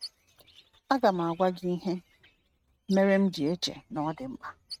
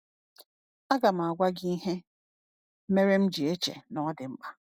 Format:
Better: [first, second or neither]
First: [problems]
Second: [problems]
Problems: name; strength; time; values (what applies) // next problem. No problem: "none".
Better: second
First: noise reduction (neural mask model RNNoise)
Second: none